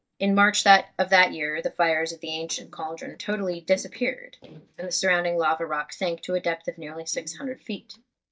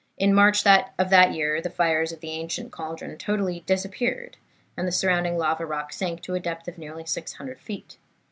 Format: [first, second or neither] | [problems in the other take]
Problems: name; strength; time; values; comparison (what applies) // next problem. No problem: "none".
second | noise reduction (neural mask model DeepFilterNet 3)